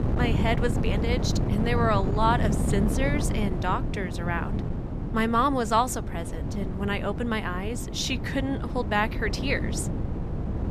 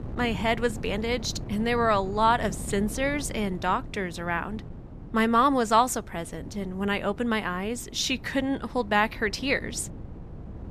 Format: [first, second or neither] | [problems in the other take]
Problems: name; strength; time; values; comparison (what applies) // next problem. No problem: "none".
second | wind noise on the microphone; heavy; 9 dB below the speech; occasional gusts in the second